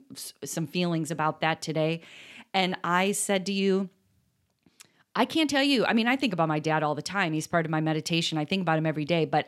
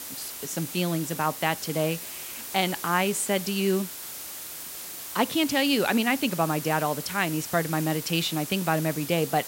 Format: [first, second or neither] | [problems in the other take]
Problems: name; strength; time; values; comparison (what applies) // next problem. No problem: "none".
first | hiss; loud; throughout; 8 dB below the speech